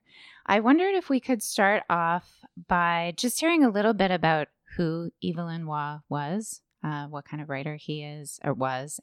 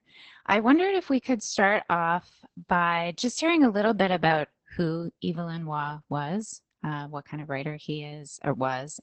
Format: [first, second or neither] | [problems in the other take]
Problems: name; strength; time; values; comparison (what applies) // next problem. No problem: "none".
first | garbled, watery; badly; nothing above 8 kHz